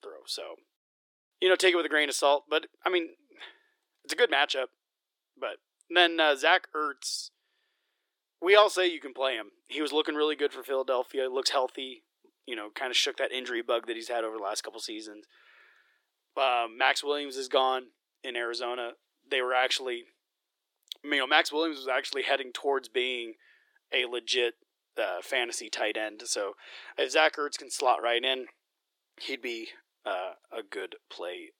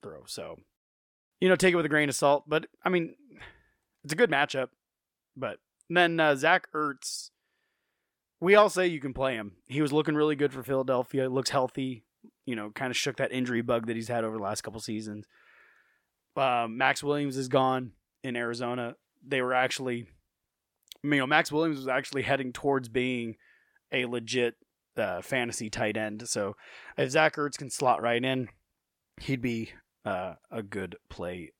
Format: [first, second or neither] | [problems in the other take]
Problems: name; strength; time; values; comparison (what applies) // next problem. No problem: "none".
second | thin; somewhat; fading below 350 Hz